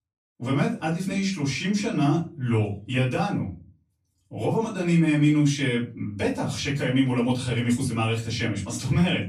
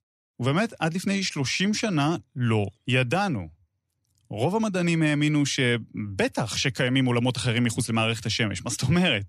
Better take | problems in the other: second | off-mic speech; far // room echo; slight; dies away in 0.3 s

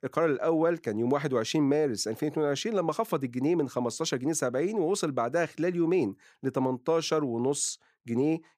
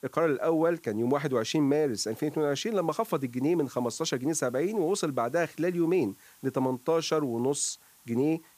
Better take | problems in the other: first | hiss; faint; throughout; 25 dB below the speech

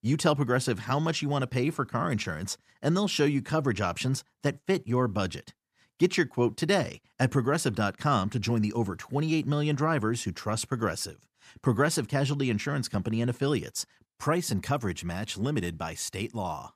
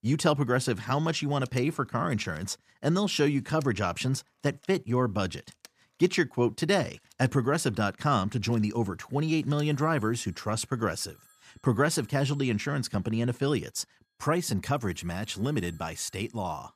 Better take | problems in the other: first | alarms or sirens; faint; throughout; 30 dB below the speech

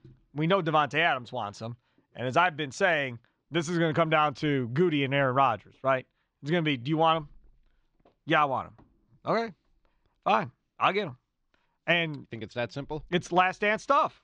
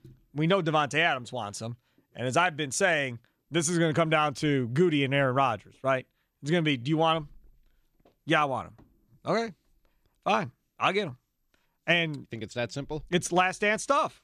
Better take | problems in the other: second | muffled; slightly; fading above 5 kHz

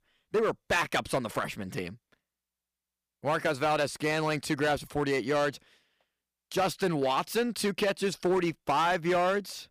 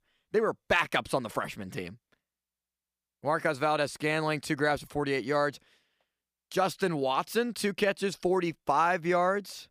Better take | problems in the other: second | distortion; slight; 7% of the sound clipped

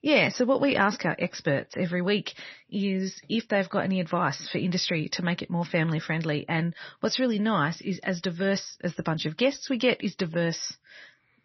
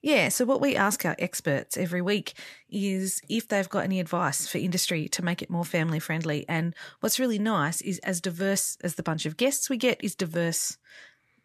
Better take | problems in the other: second | garbled, watery; slightly; nothing above 6 kHz

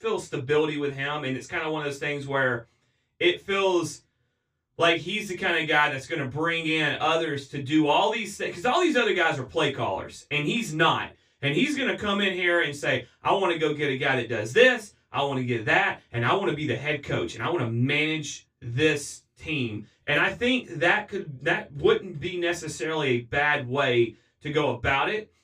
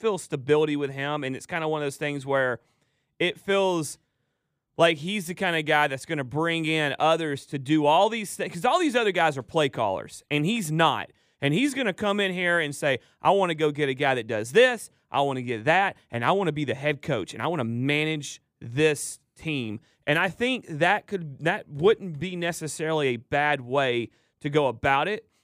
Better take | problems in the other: second | room echo; very slight; dies away in 0.1 s // off-mic speech; far

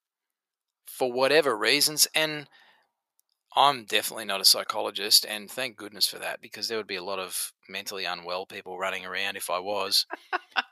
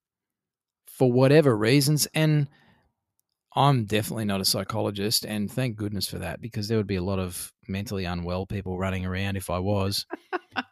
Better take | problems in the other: second | thin; very; fading below 700 Hz

